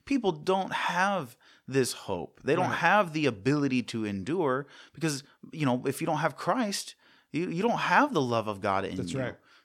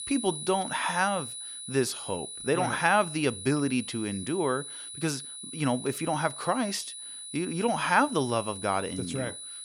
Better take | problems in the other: first | high-pitched whine; loud; throughout; 10 kHz, 8 dB below the speech

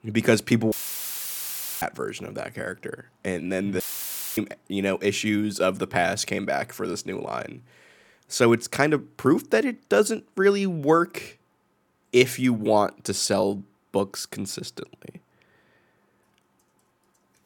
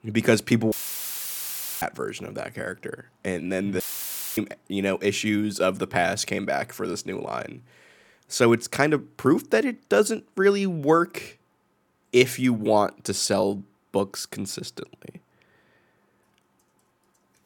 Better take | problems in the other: neither | audio cutting out; filled with static; at 0.5 s for 1 s and at 4 s for 0.5 s; the same in both

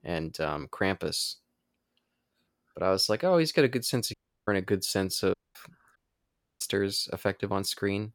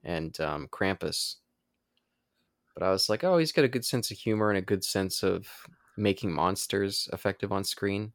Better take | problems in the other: second | audio cutting out; at 4 s, at 5.5 s and at 6 s for 0.5 s

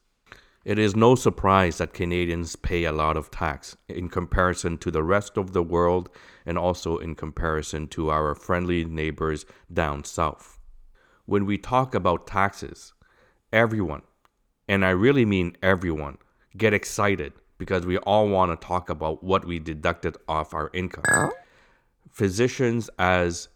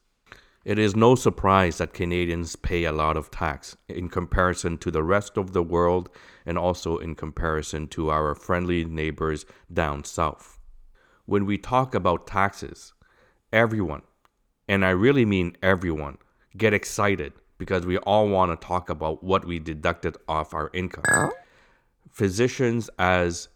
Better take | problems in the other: neither | clattering dishes; loud; at 21 s; peak 4 dB above the speech; the same in both

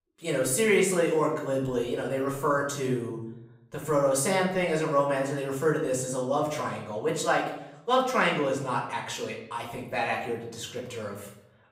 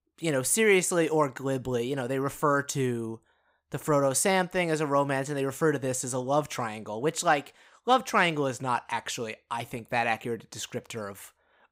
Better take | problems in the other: second | off-mic speech; far // room echo; slight; dies away in 0.7 s

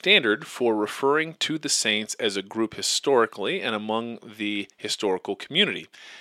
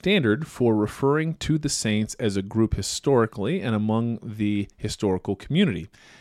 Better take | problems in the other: second | thin; somewhat; fading below 400 Hz

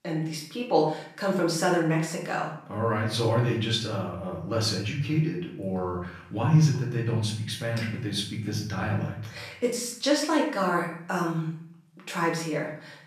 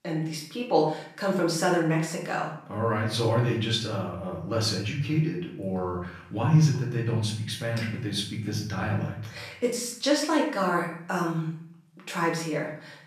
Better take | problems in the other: neither | room echo; noticeable; dies away in 0.6 s; the same in both // off-mic speech; far; the same in both

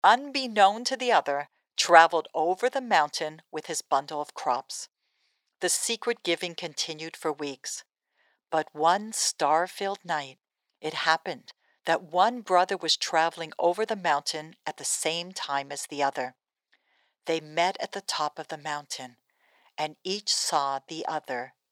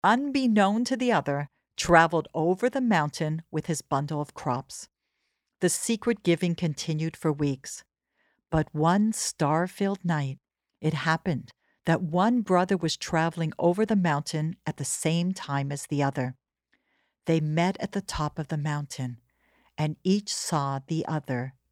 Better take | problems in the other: second | thin; very; fading below 550 Hz

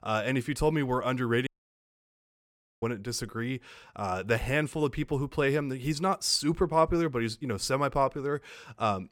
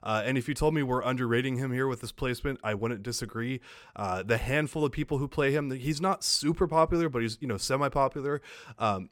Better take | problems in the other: second | audio cutting out; at 1.5 s for 1.5 s

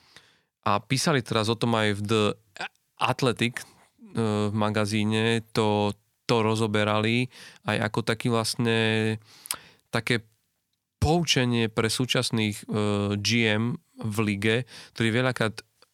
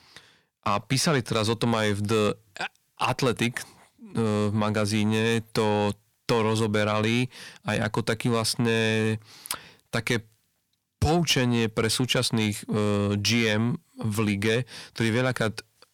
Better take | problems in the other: first | distortion; slight; 10 dB below the speech

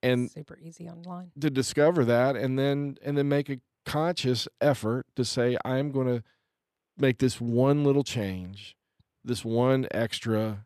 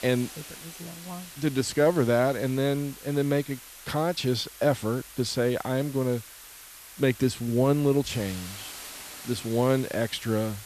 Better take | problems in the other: first | hiss; noticeable; throughout; 15 dB below the speech

